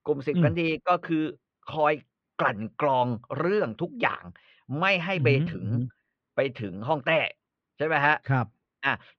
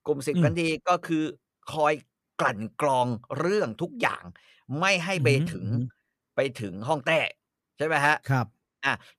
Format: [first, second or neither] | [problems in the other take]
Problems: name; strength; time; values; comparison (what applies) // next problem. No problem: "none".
second | muffled; slightly; fading above 3.5 kHz